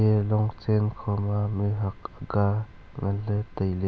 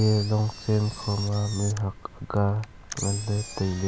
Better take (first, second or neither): first